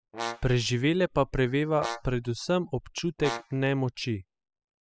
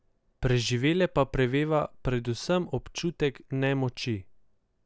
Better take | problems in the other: second | noise reduction (classical method spectral subtraction)

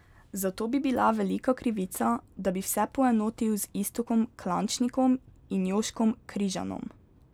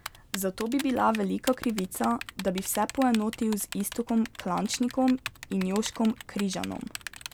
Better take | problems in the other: first | background sound (Typing); 14 dB below the speech

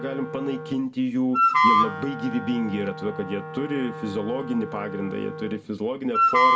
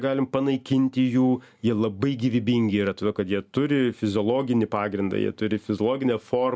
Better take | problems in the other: second | background sound (Wind instrument, woodwind instrument); 2 dB above the speech // room echo; dies away in 1 s

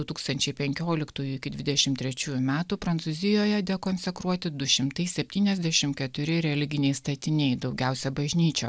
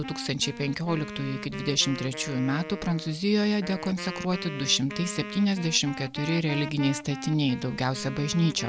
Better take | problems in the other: first | background sound (Wind instrument, woodwind instrument); 11 dB below the speech

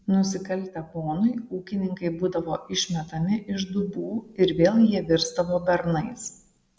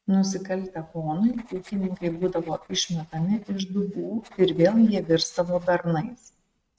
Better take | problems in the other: first | noise reduction (neural mask model RNNoise)

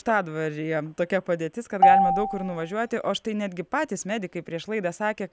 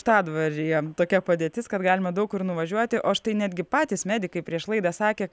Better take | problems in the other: second | background sound (Marimba, xylophone); 4 dB above the speech

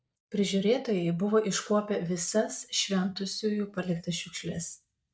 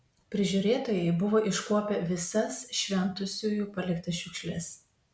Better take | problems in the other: second | noise reduction (neural mask model DeepFilterNet 3)

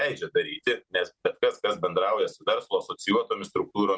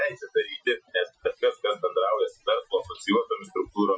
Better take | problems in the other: first | noise reduction (classical method Wiener filter)

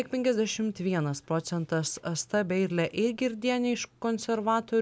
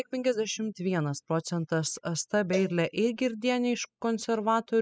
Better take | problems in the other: first | noise reduction (classical method spectral subtraction)

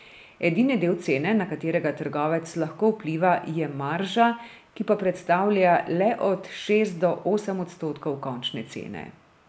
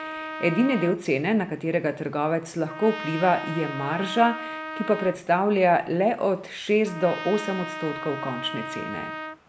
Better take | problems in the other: first | background sound (Trumpet); 11 dB below the speech

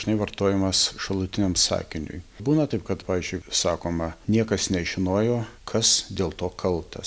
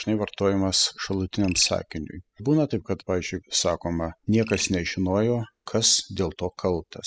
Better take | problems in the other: first | noise reduction (classical method spectral subtraction)

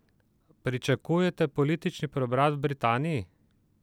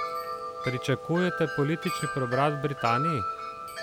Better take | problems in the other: first | background sound (Wind chime); 4 dB below the speech

